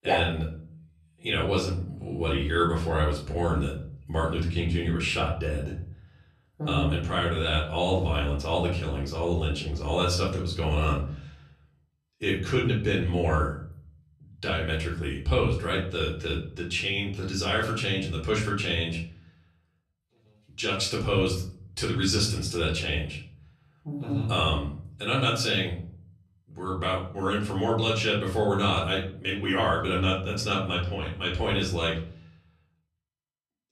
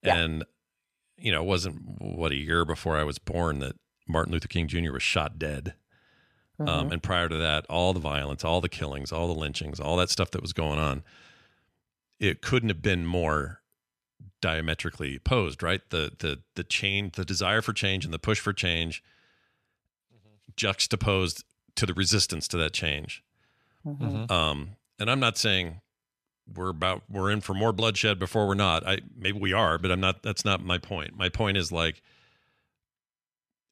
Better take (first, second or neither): second